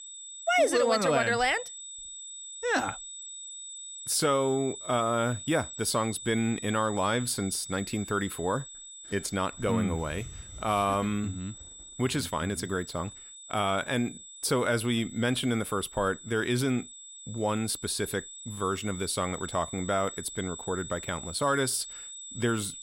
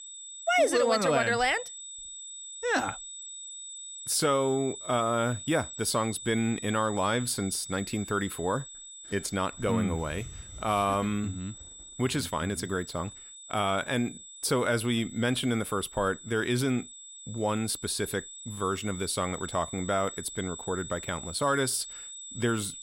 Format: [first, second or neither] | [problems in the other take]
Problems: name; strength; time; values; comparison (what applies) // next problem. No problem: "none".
neither | high-pitched whine; noticeable; throughout; 8 kHz, 10 dB below the speech; the same in both